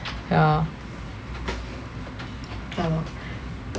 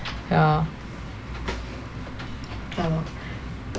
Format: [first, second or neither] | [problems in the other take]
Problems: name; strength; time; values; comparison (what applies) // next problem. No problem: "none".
first | background sound (Meow / Purr); 18 dB below the speech